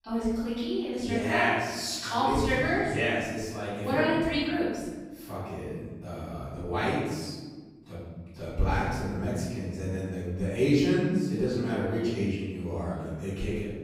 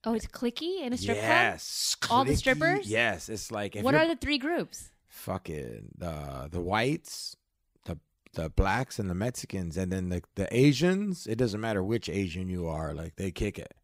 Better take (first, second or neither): second